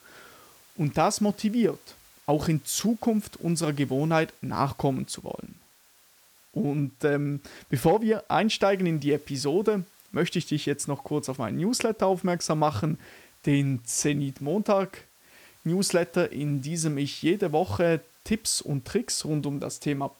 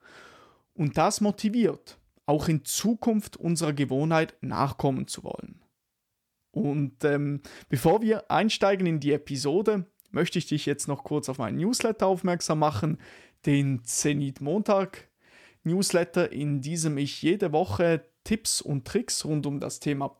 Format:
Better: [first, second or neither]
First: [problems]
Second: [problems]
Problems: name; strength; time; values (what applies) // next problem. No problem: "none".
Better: second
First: hiss; faint; throughout; 30 dB below the speech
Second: none